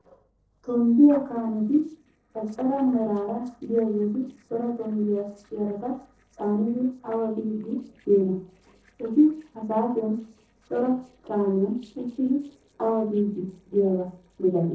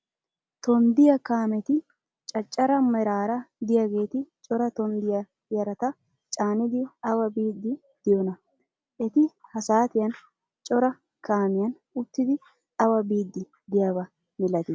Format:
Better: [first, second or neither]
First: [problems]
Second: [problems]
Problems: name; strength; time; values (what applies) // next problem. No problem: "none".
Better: second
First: noise reduction (neural separator model SepFormer DNS4)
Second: none